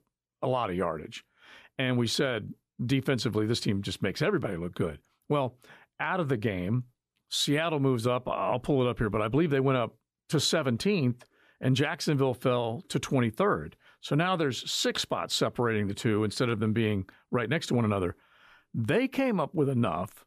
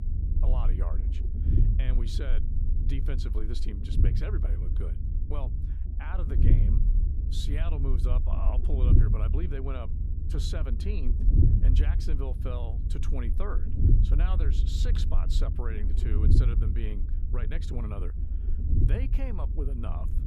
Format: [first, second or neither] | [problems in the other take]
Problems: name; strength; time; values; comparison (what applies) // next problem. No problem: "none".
first | low rumble; loud; throughout; 2 dB below the speech